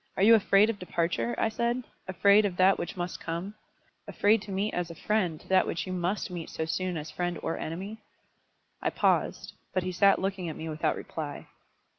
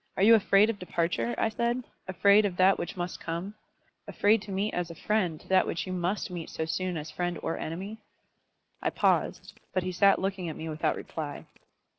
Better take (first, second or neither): first